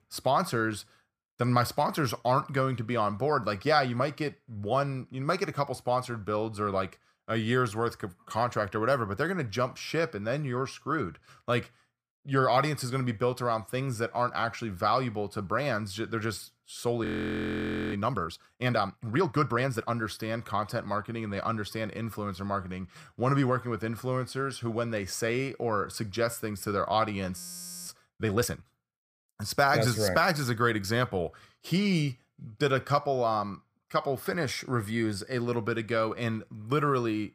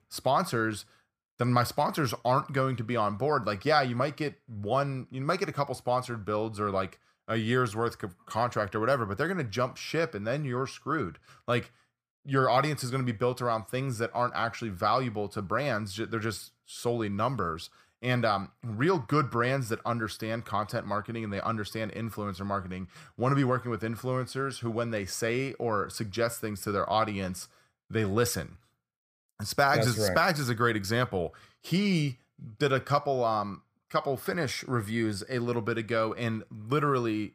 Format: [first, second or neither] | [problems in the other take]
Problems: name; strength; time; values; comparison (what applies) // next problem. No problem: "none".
second | audio freezing; at 17 s for 1 s and at 27 s